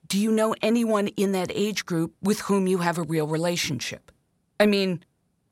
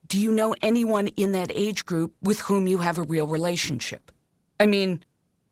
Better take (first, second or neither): first